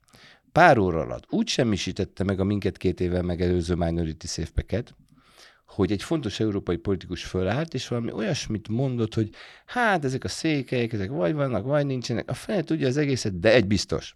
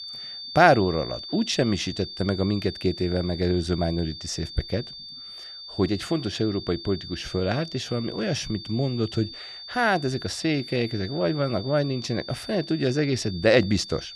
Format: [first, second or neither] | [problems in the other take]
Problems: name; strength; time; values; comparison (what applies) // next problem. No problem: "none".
first | high-pitched whine; noticeable; throughout; 4.5 kHz, 10 dB below the speech